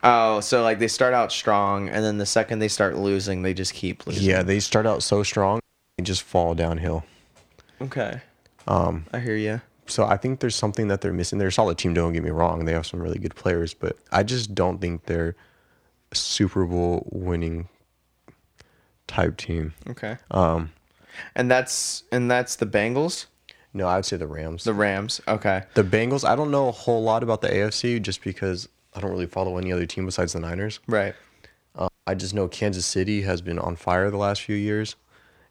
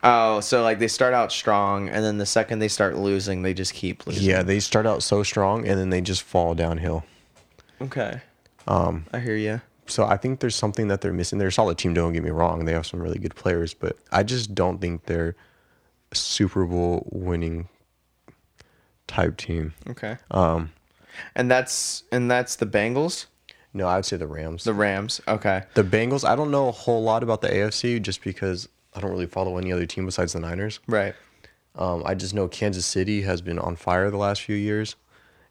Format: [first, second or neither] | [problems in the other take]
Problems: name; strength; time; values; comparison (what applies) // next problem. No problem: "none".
second | audio cutting out; at 5.5 s and at 32 s